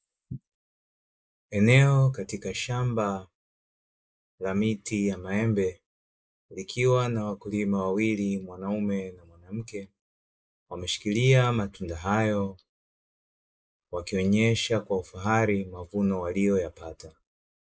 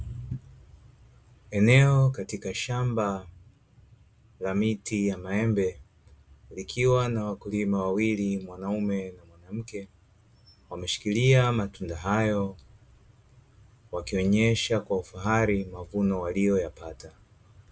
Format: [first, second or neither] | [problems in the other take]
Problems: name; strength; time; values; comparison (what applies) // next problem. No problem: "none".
second | noise reduction (neural mask model Resemble Enhance denoiser)